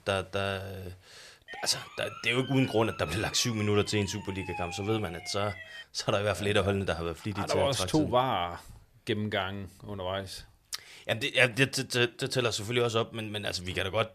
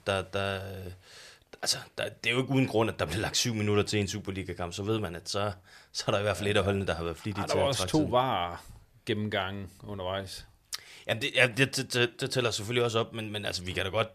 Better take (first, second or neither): second